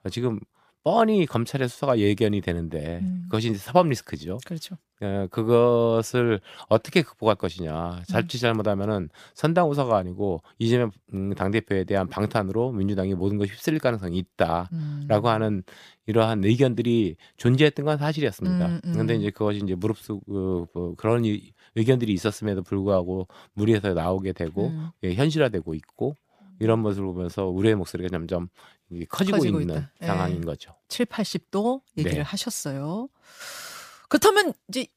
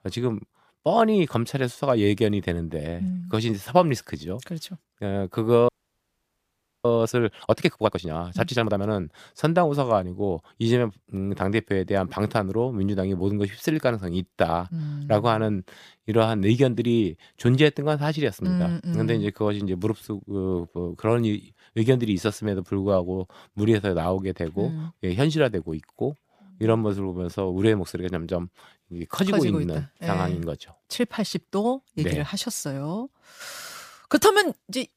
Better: first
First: none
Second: audio freezing; at 5.5 s for 1 s

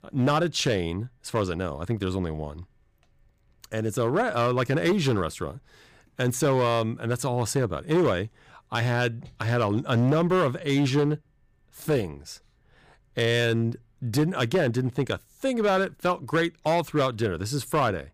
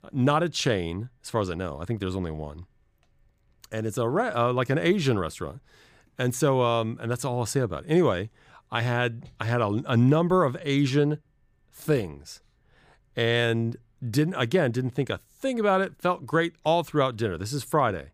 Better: second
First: distortion; slight; 6% of the sound clipped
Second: none

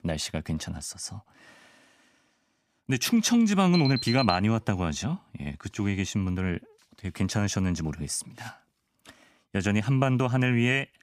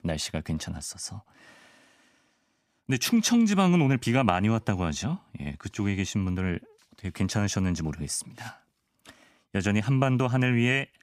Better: second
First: alarm; noticeable; at 3.5 s; peak 5 dB below the speech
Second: none

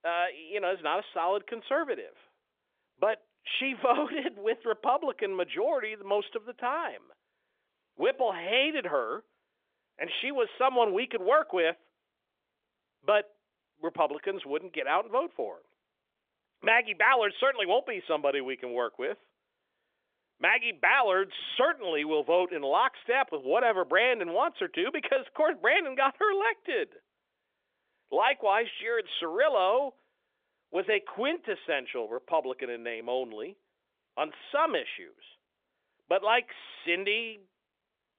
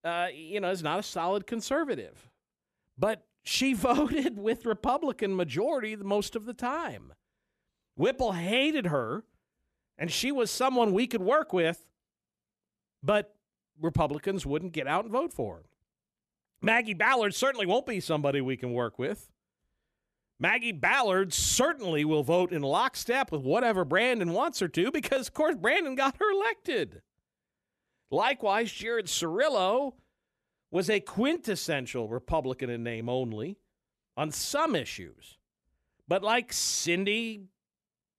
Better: second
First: phone-call audio; nothing above 3.5 kHz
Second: none

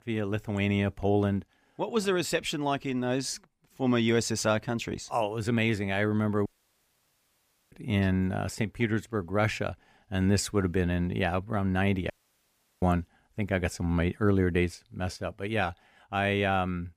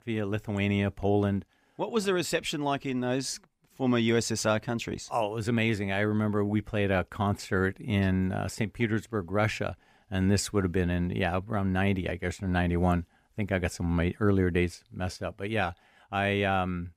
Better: second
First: audio cutting out; at 6.5 s for 1.5 s and at 12 s for 0.5 s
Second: none

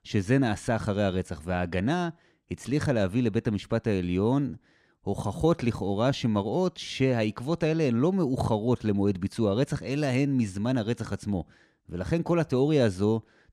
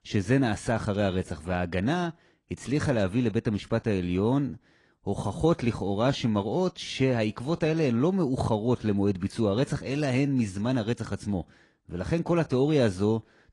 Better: first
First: none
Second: garbled, watery; slightly; nothing above 10 kHz

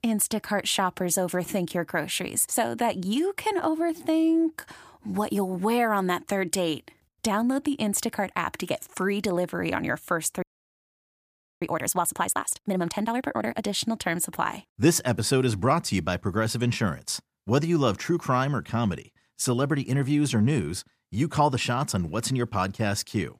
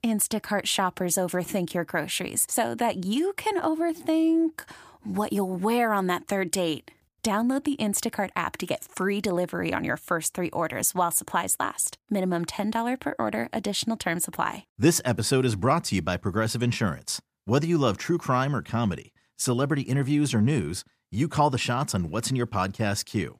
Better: second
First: audio freezing; at 10 s for 1 s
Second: none

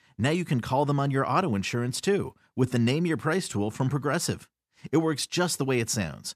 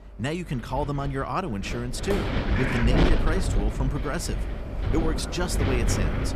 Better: first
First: none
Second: wind noise on the microphone; heavy; 1 dB below the speech

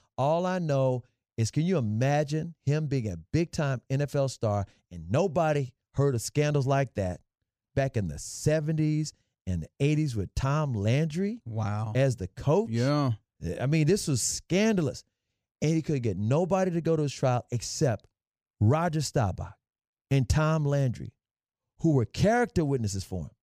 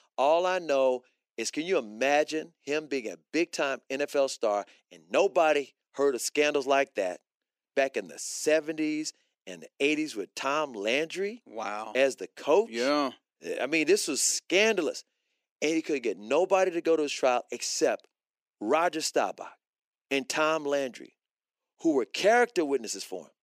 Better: first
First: none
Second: thin; very; fading below 300 Hz

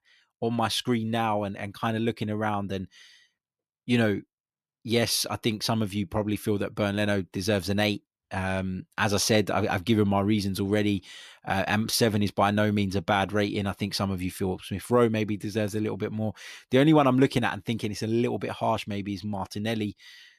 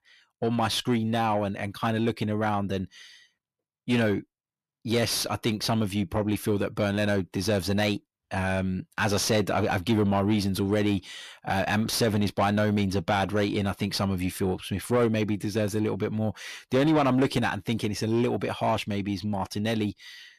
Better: first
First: none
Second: distortion; slight; 10 dB below the speech

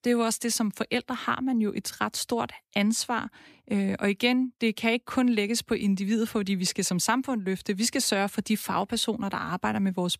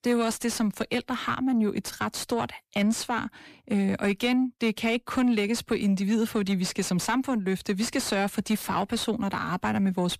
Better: first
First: none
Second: distortion; slight; 10 dB below the speech

